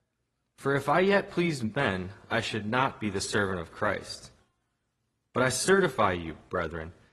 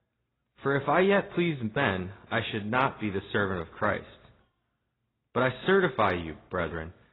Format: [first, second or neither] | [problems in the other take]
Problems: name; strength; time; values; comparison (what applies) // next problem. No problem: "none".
first | garbled, watery; badly; nothing above 4 kHz; slightly in the first